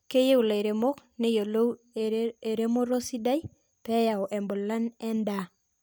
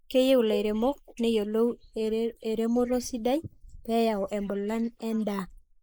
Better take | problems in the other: first | noise reduction (neural mask model Resemble Enhance denoiser)

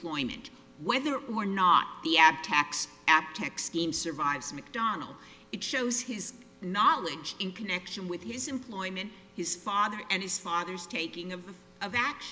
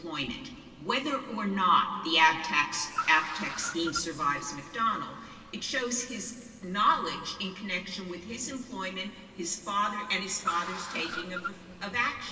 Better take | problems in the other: first | background sound (Car); 13 dB below the speech // room echo; dies away in 2.3 s

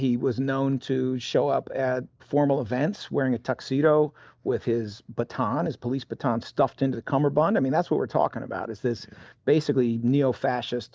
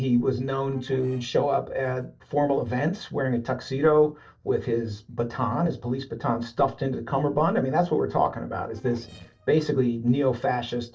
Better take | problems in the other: first | noise reduction (neural separator model SepFormer DNS4)

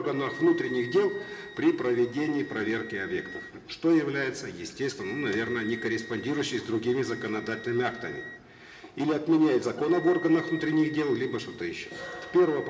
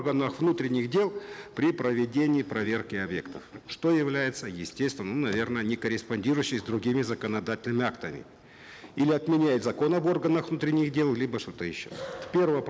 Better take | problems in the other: second | background sound (Wind instrument, woodwind instrument); 16 dB below the speech // room echo; dies away in 1.6 s

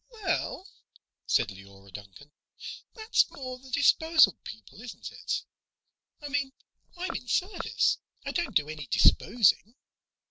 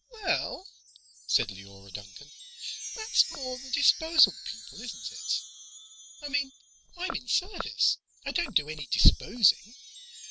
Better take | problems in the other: first | background sound (Wind chime); 16 dB below the speech

